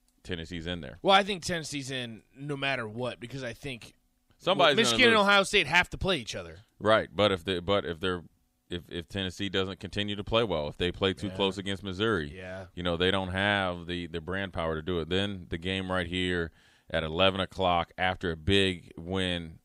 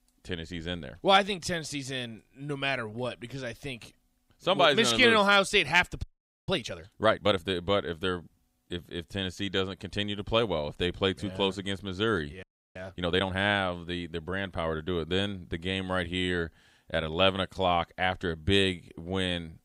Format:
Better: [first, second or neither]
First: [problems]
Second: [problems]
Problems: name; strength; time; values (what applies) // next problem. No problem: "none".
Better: first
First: none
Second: audio freezing; at 6 s and at 12 s